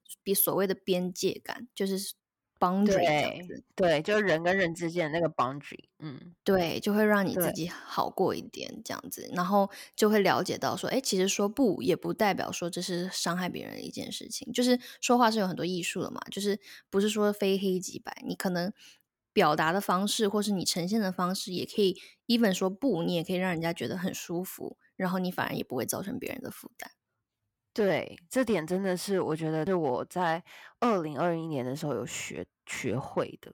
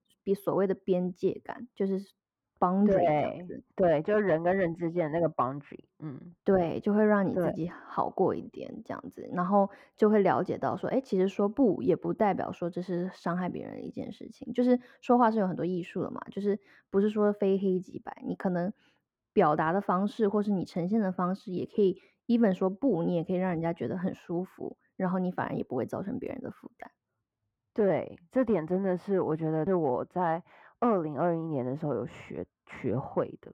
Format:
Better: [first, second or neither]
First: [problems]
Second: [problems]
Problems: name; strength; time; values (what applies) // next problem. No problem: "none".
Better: first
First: none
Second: muffled; very; fading above 3 kHz